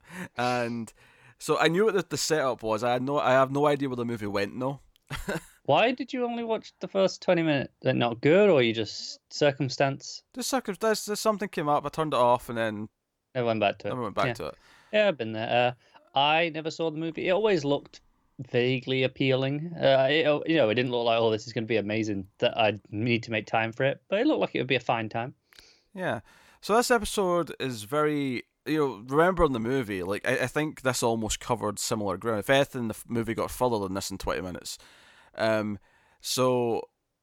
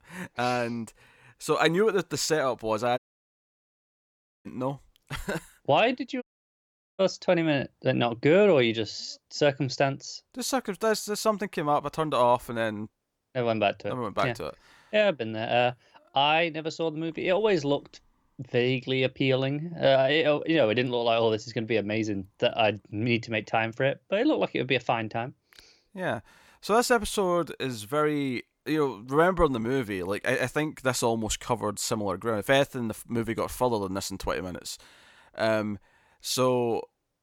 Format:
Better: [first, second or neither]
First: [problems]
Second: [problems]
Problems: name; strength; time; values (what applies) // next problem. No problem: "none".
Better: first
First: none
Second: audio cutting out; at 3 s for 1.5 s and at 6 s for 1 s